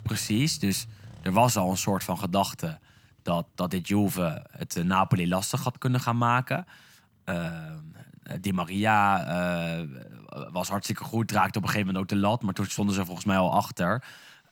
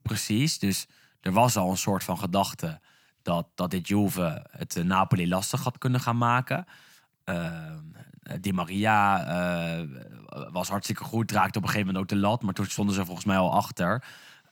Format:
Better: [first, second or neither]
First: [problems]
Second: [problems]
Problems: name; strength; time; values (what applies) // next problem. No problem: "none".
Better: second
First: traffic noise; faint; throughout; 25 dB below the speech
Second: none